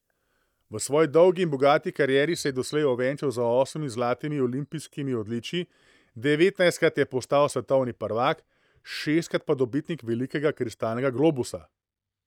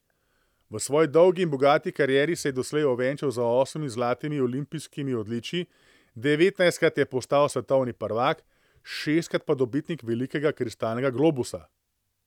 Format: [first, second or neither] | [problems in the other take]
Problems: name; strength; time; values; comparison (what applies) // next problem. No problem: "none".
second | noise reduction (neural mask model DeepFilterNet 3)